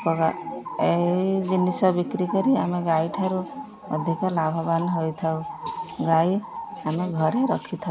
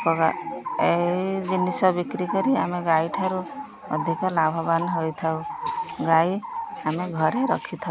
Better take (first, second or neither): second